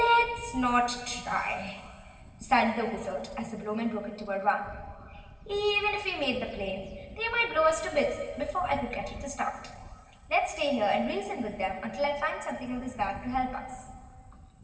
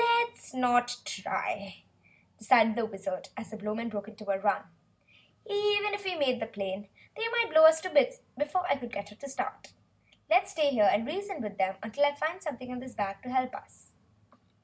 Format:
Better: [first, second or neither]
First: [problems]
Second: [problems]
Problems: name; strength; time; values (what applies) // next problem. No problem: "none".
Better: second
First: background sound (Wind / Bird); 18 dB below the speech // room echo; dies away in 2.9 s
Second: none